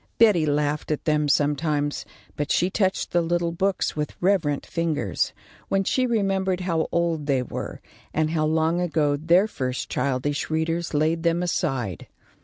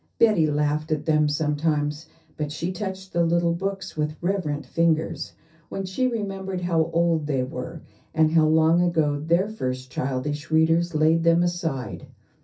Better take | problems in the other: first | room echo; dies away in 0.3 s

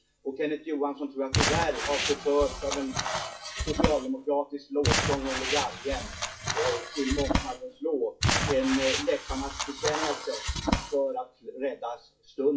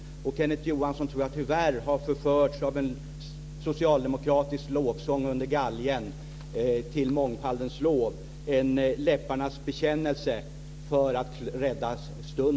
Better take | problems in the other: second | noise reduction (classical method WPE with log-MMSE)

